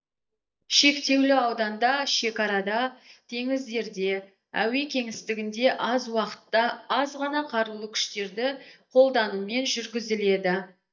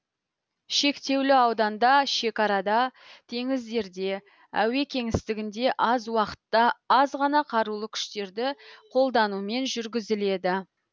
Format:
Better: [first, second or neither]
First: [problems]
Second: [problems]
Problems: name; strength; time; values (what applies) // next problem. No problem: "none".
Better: second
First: noise reduction (neural mask model DeepFilterNet 3)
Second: none